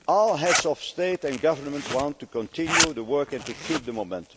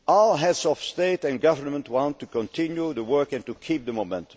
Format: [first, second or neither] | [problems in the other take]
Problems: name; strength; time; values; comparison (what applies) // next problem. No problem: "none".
second | background sound (Zipper (clothing)); 4 dB below the speech